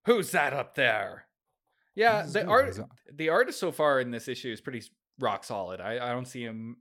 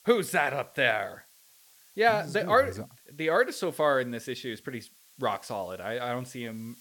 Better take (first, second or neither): first